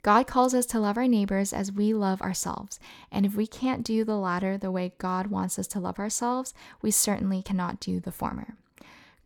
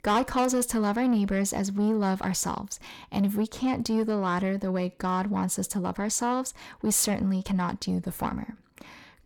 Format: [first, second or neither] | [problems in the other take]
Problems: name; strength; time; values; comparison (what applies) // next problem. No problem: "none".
first | distortion; slight; 10 dB below the speech